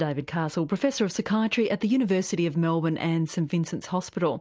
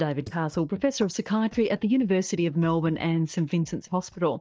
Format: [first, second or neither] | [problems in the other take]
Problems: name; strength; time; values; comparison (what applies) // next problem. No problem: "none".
first | noise reduction (neural mask model DeepFilterNet 3)